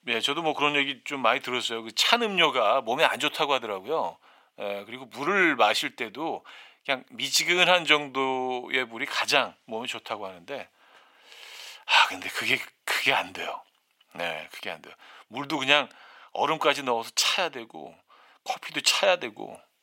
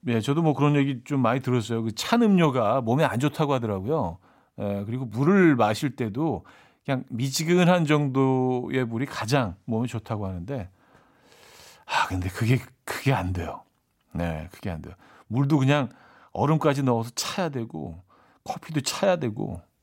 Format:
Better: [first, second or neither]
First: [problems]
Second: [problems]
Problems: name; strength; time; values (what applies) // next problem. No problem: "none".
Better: second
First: thin; very; fading below 550 Hz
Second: none